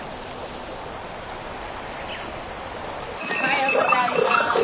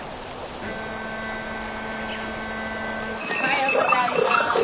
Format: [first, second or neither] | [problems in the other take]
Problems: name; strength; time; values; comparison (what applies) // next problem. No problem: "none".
first | background sound (Bowed string instrument); 9 dB below the speech